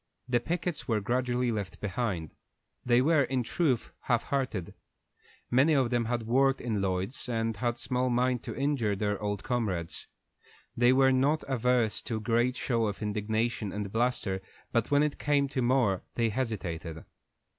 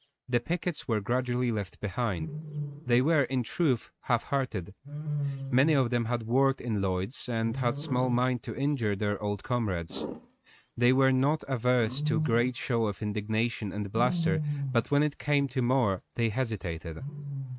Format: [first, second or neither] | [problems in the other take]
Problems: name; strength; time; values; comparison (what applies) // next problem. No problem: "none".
first | noise reduction (neural mask model RNNoise)